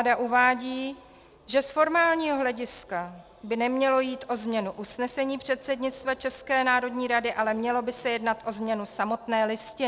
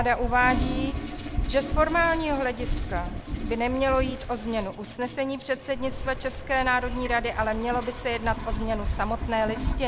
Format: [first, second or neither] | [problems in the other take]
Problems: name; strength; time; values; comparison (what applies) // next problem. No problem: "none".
first | background sound (Toilet flush + Waves, surf); 4 dB below the speech